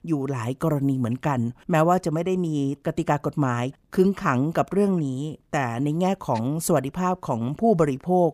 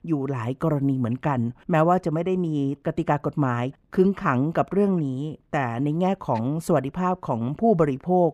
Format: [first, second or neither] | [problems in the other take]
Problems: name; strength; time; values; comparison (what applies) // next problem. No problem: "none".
first | muffled; slightly; fading above 4 kHz